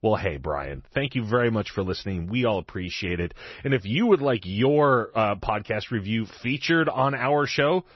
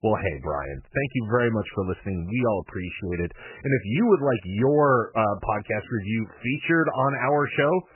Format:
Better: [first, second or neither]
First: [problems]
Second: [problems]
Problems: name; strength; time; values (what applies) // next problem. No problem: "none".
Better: first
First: garbled, watery; slightly; nothing above 6 kHz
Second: garbled, watery; badly; nothing above 3 kHz